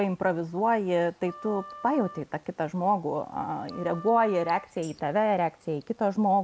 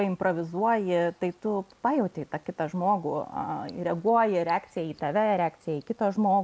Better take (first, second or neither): second